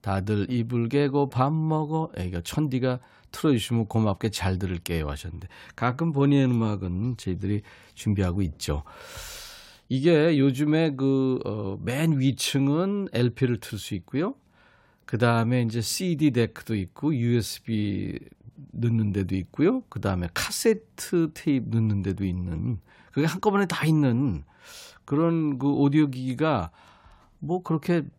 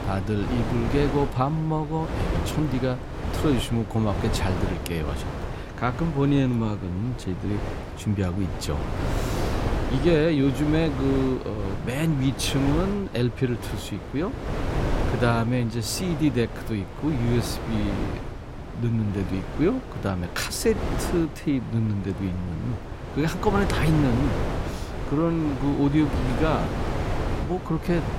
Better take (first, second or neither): first